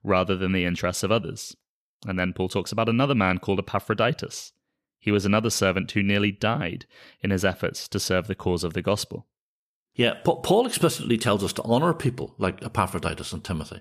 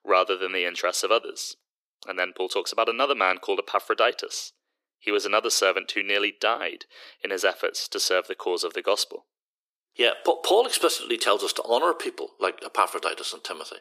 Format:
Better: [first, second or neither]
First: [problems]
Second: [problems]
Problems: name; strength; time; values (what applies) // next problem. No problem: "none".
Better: first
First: none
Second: thin; very; fading below 350 Hz